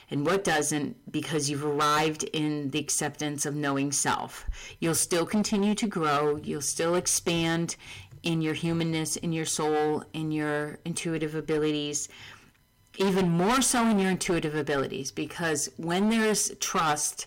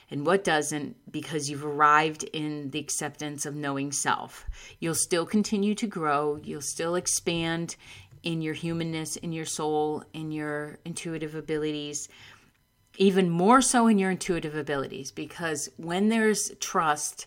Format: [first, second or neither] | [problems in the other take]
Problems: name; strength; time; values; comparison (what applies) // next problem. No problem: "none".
second | distortion; heavy; 12% of the sound clipped